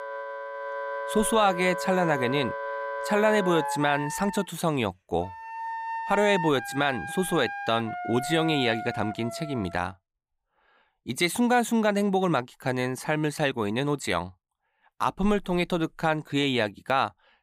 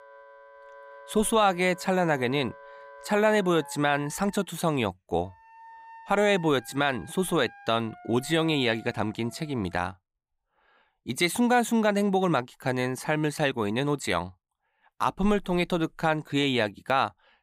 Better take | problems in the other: second | background music; loud; until 10 s; 7 dB below the speech; faint in the second

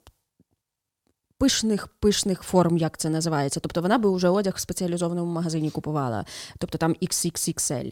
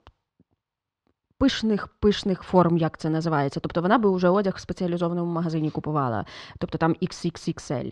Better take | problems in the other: first | muffled; slightly; fading above 3.5 kHz

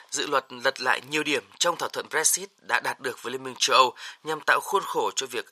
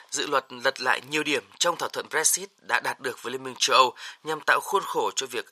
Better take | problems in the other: neither | thin; very; fading below 850 Hz; the same in both

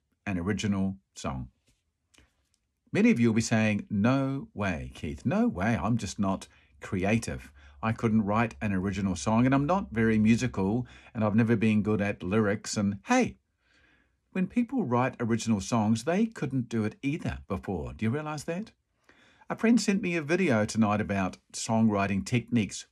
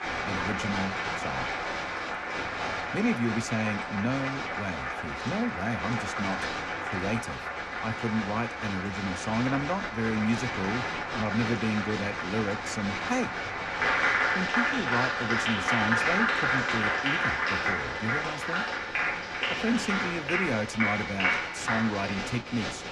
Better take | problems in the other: first | crowd noise; very loud; throughout; 3 dB above the speech

